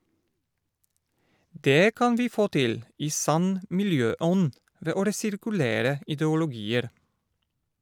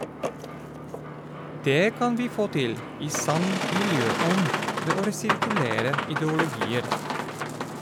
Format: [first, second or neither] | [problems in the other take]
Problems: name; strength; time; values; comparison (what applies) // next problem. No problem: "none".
first | background sound (Boat, Water vehicle); 2 dB below the speech